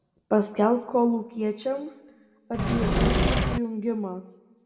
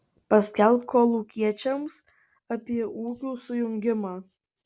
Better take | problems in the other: second | background sound (Engine / Mechanisms); 5 dB above the speech // room echo; dies away in 0.9 s

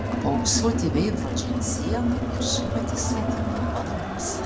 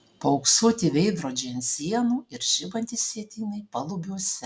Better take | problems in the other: second | background sound (Crowd); 3 dB above the speech

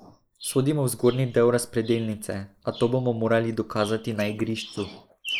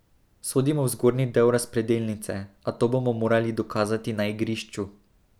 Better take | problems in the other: second | noise reduction (neural mask model Resemble Enhance denoiser)

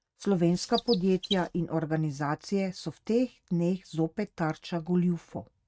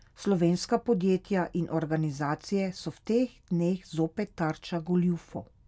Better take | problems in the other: second | noise reduction (neural mask model RNNoise)

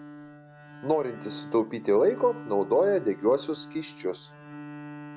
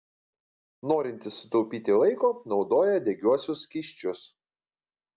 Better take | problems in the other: second | background sound (Bowed string instrument); 15 dB below the speech

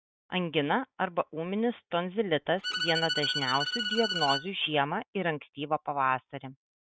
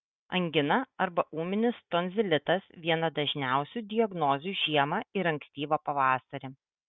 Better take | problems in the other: second | background sound (Bowed string instrument); 3 dB below the speech

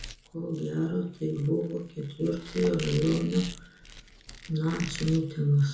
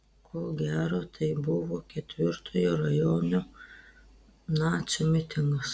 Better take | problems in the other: second | background sound (Squeak); 15 dB below the speech // room echo; dies away in 0.6 s

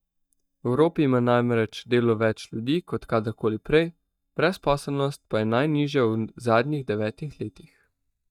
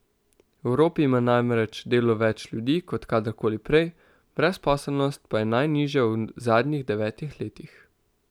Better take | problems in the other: second | noise reduction (neural mask model DeepFilterNet 3)

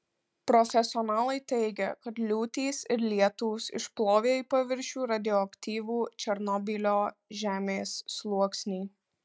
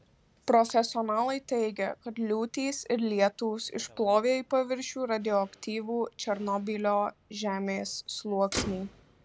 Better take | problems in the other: first | background sound (Motor vehicle (road)); 18 dB below the speech

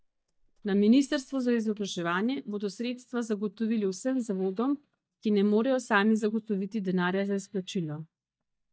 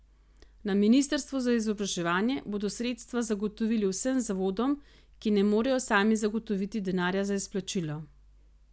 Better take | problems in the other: second | noise reduction (neural mask model DeepFilterNet 3)

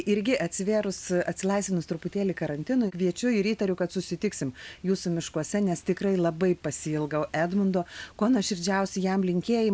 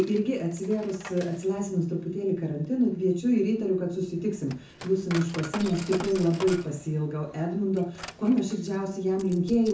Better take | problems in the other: first | background sound (Coin (dropping)); 17 dB below the speech // room echo; dies away in 0.6 s

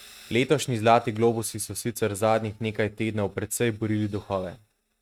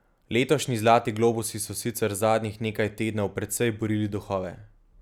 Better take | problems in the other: second | noise reduction (neural mask model RNNoise)

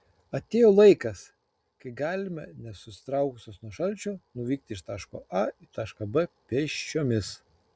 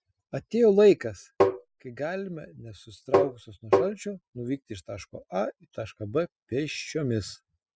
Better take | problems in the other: first | noise reduction (classical method spectral subtraction)

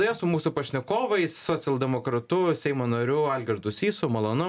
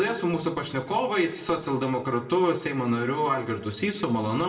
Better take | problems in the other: first | room echo; dies away in 0.6 s

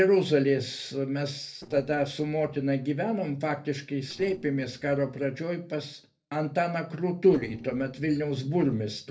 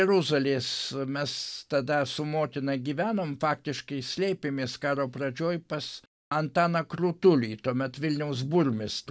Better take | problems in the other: second | noise reduction (neural separator model SepFormer DNS4)

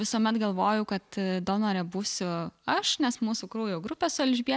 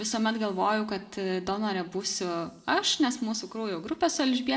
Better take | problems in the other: first | room echo; dies away in 1.7 s

